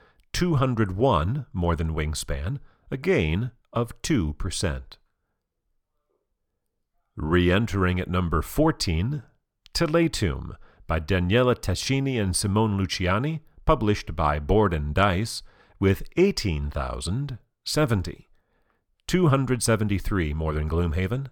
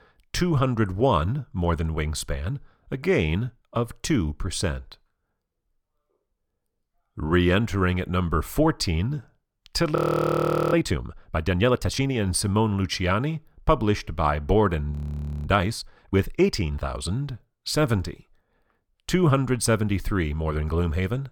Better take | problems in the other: first | audio freezing; at 10 s for 1 s and at 15 s for 0.5 s

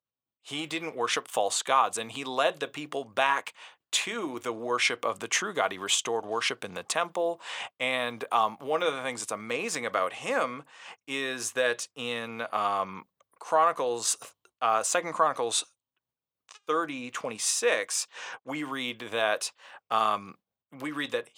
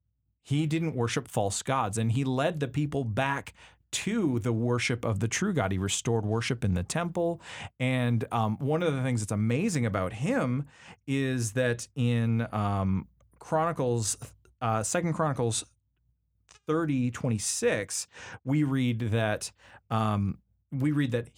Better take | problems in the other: second | thin; very; fading below 600 Hz

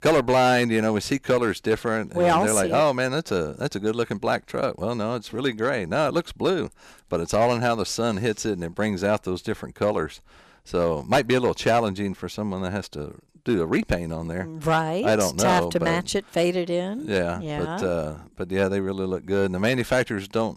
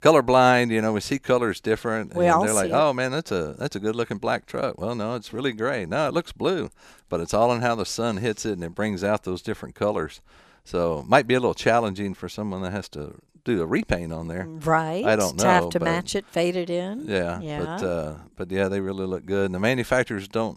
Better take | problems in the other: second | distortion; slight; 3% of the sound clipped

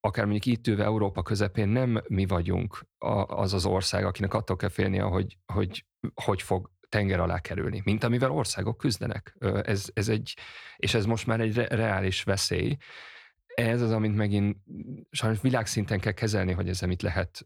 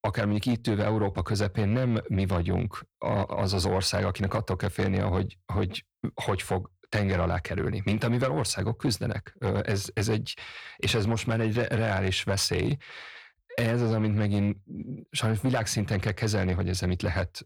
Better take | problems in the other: first | distortion; slight; 10 dB below the speech

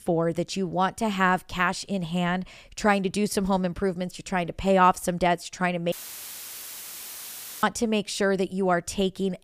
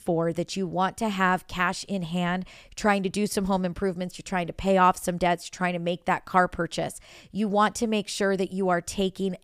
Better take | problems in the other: second | audio cutting out; filled with static; at 6 s for 1.5 s

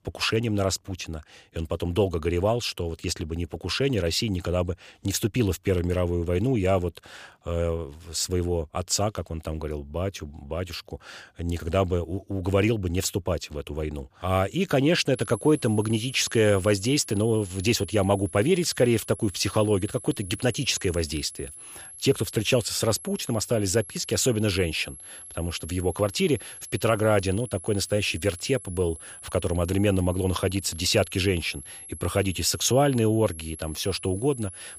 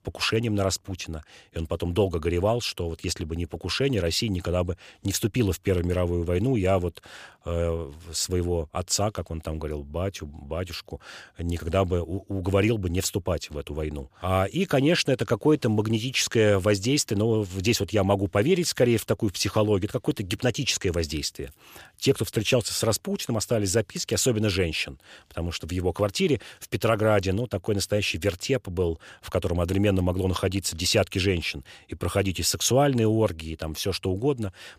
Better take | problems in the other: second | high-pitched whine; noticeable; from 15 s on; 11 kHz, 15 dB below the speech

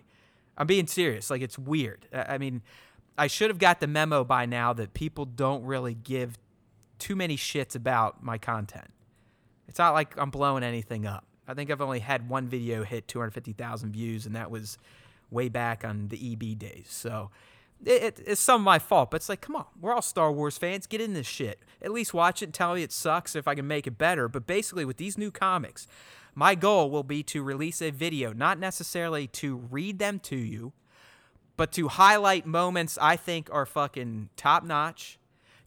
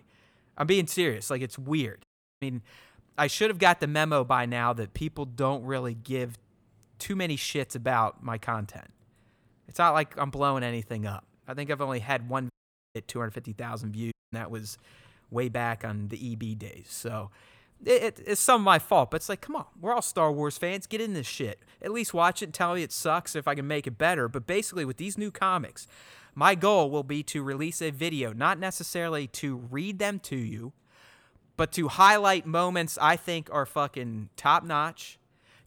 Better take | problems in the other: first | audio cutting out; at 2 s, at 13 s and at 14 s

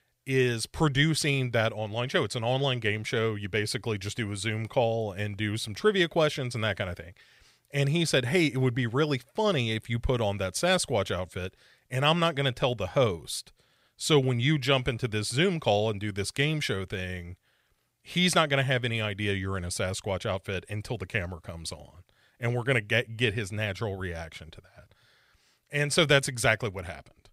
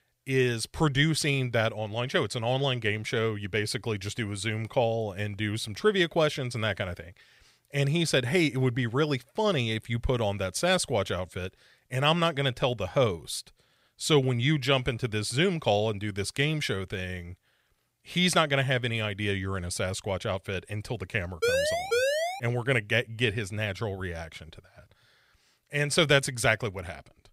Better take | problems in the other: first | siren; loud; at 21 s; peak 2 dB above the speech

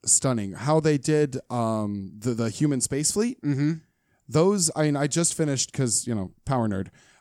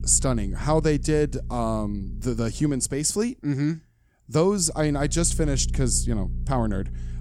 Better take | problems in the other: first | low rumble; faint; throughout; 25 dB below the speech

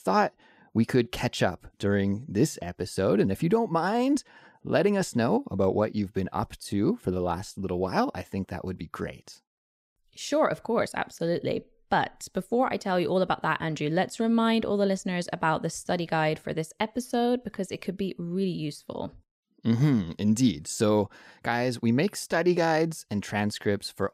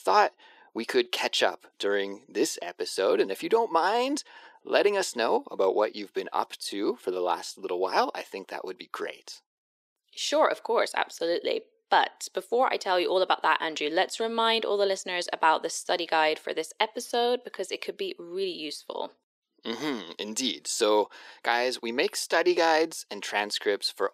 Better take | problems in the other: first | thin; very; fading below 350 Hz

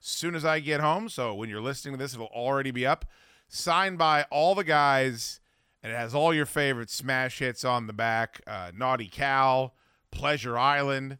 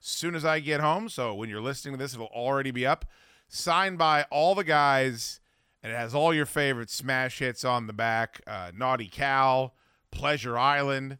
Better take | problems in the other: neither | none

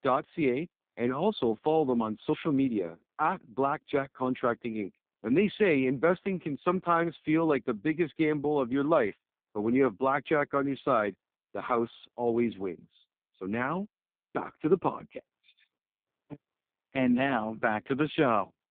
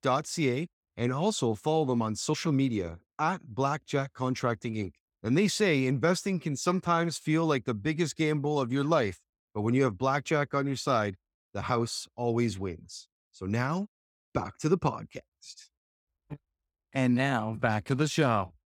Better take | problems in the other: second | phone-call audio; poor line; nothing above 3.5 kHz

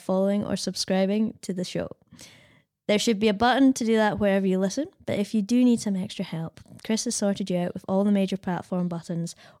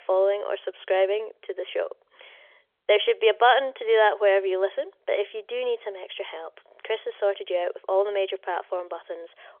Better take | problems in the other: first | phone-call audio; nothing above 3.5 kHz

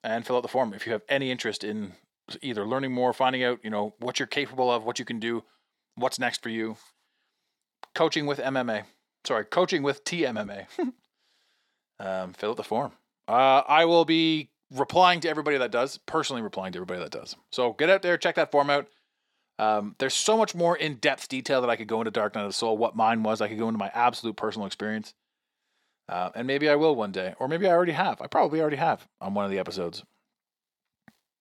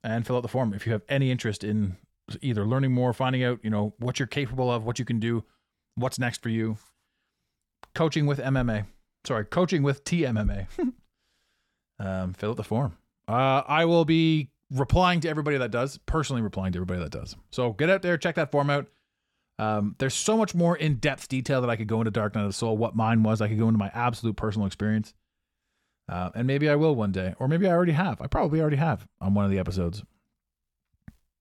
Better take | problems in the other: second | thin; somewhat; fading below 350 Hz

